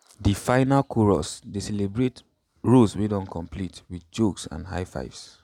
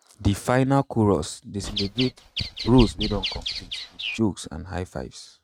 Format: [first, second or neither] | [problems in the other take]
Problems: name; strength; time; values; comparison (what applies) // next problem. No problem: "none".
first | noise reduction (neural mask model RNNoise)